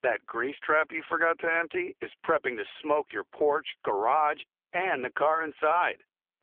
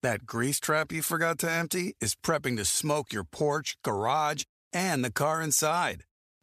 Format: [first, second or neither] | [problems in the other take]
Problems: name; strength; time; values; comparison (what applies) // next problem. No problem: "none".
second | phone-call audio; poor line; nothing above 3.5 kHz